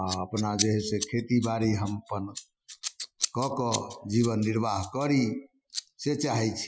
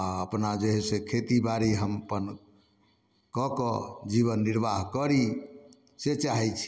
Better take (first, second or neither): second